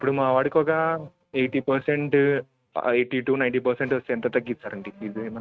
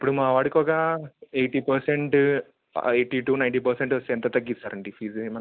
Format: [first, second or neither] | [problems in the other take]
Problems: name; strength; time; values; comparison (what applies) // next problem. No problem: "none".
second | noise reduction (neural mask model RNNoise)